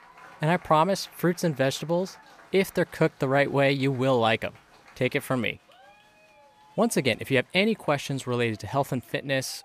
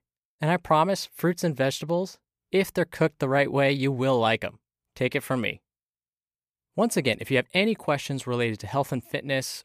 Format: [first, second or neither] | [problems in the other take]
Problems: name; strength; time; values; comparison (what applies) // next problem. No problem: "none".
second | crowd noise; faint; throughout; 25 dB below the speech